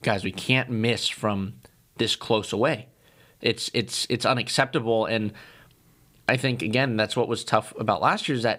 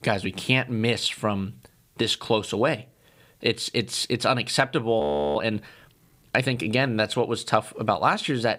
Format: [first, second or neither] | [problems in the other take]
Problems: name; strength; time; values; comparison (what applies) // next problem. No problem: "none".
first | audio freezing; at 5 s